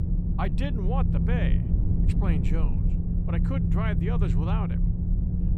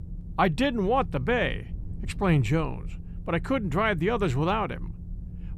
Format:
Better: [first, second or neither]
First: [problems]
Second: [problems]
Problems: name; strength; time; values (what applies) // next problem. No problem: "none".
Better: second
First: low rumble; loud; throughout; 2 dB below the speech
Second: low rumble; faint; throughout; 25 dB below the speech